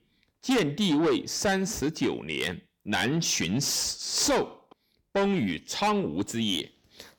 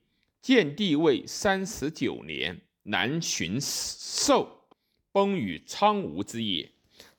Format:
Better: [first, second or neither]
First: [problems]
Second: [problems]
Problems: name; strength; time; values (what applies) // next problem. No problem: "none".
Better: second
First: distortion; heavy; 6 dB below the speech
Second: none